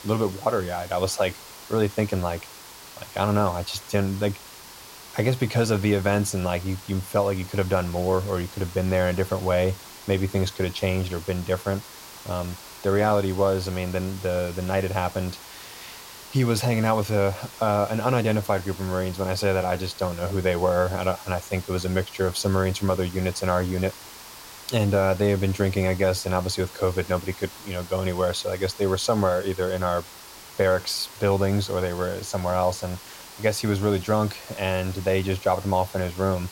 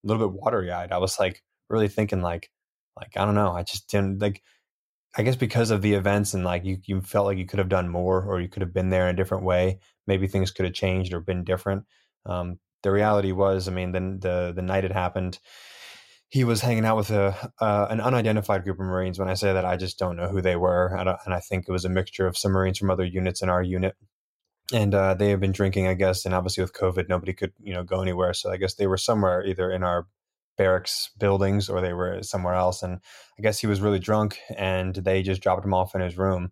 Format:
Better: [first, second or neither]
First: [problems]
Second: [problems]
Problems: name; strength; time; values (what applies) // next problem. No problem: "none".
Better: second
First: hiss; noticeable; throughout; 15 dB below the speech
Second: none